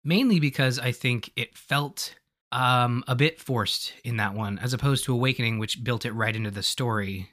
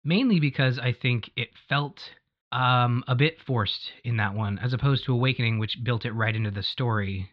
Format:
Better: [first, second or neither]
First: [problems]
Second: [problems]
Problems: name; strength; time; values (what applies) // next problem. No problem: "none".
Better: first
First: none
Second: muffled; very slightly; fading above 4 kHz